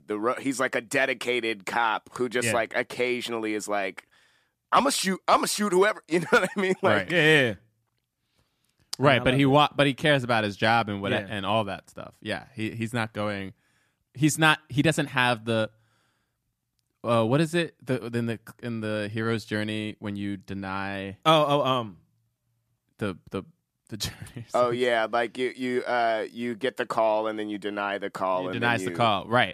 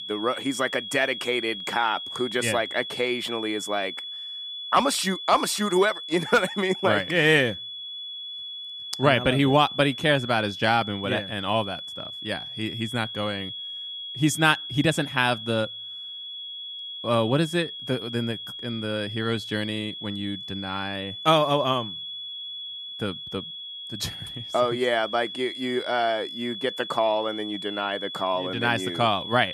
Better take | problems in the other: first | high-pitched whine; loud; throughout; 3.5 kHz, 8 dB below the speech

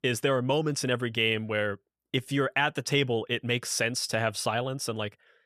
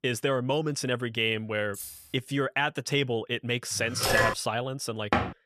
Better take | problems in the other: first | jangling keys; faint; at 1.5 s; peak 10 dB below the speech // phone ringing; loud; at 4 s; peak 4 dB above the speech // door banging; loud; at 5 s; peak 1 dB above the speech

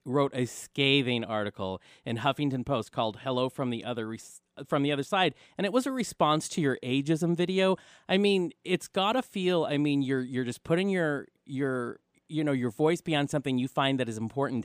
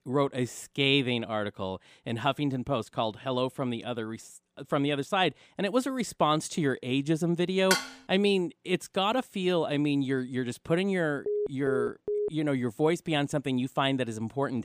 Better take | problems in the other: first | clattering dishes; loud; at 7.5 s; peak level with the speech // phone ringing; noticeable; from 11 to 12 s; peak 3 dB below the speech

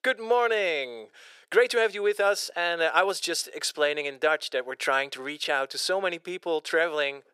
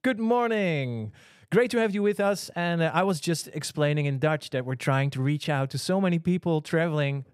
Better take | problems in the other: second | thin; very; fading below 400 Hz

